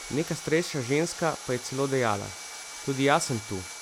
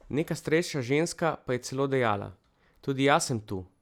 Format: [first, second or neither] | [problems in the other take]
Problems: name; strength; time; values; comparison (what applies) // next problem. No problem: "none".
second | background sound (Sawing); 12 dB below the speech